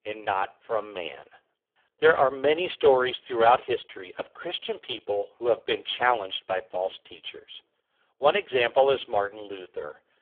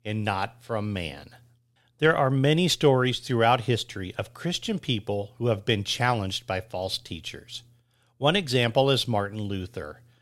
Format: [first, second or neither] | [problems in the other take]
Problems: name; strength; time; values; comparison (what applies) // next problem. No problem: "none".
second | phone-call audio; poor line; nothing above 3.5 kHz